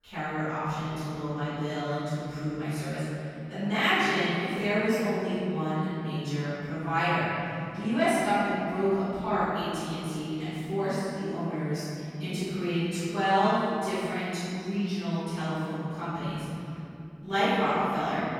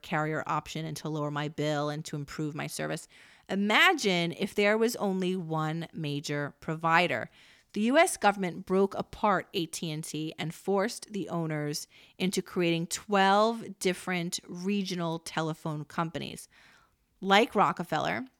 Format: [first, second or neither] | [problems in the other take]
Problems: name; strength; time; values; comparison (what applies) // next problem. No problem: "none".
second | room echo; strong; dies away in 3 s // off-mic speech; far